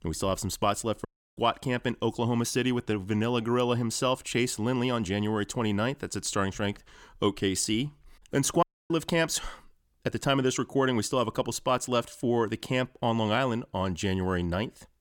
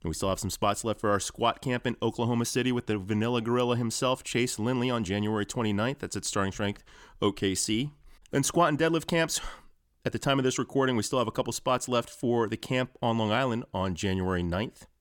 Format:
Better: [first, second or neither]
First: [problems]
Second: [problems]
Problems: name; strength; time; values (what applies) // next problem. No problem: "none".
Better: second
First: audio cutting out; at 1 s and at 8.5 s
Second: none